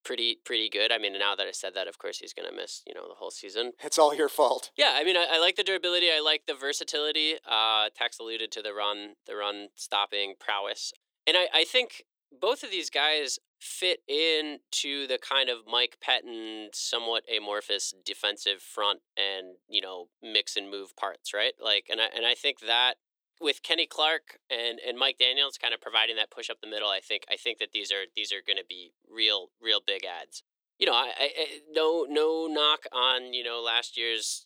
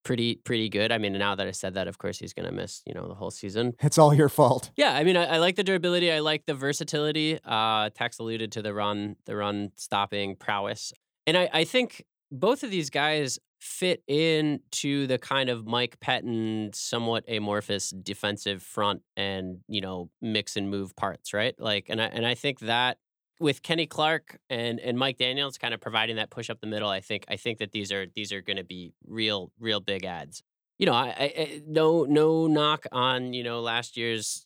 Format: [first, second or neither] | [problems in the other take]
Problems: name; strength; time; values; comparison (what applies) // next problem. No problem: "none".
second | thin; very; fading below 350 Hz